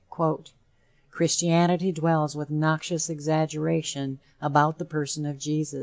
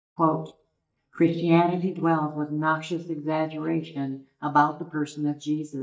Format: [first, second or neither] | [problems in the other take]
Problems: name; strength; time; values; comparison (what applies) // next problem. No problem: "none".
first | noise reduction (neural mask model DeepFilterNet 3)